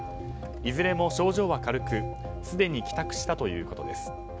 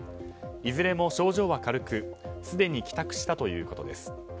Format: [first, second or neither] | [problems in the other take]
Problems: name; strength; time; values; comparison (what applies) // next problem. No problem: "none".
second | background sound (Engine starting); 8 dB below the speech